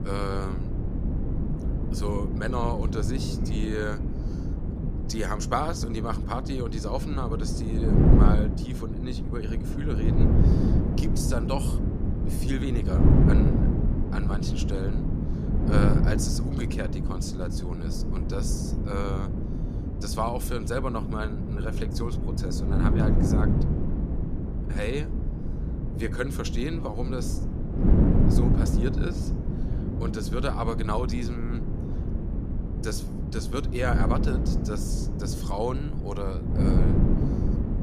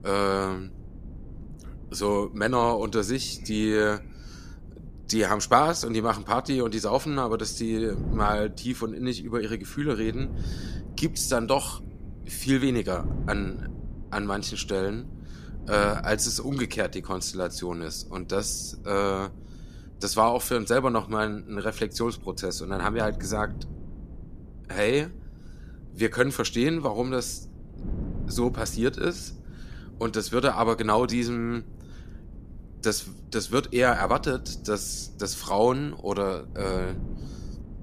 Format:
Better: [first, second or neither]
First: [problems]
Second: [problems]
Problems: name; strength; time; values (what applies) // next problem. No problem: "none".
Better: second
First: wind noise on the microphone; heavy; 2 dB below the speech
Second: wind noise on the microphone; occasional gusts; 25 dB below the speech